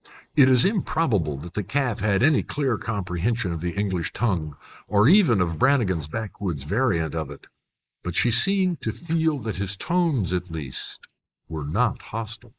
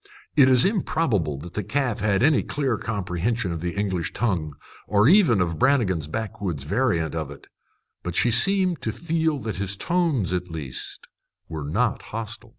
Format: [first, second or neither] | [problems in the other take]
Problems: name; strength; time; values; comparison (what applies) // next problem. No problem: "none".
second | noise reduction (neural mask model Resemble Enhance denoiser)